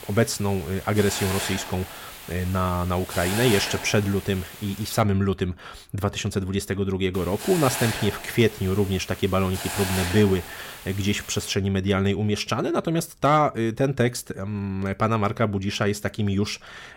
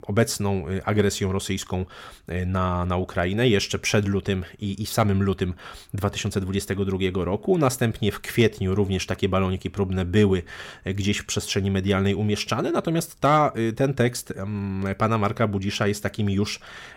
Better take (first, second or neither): second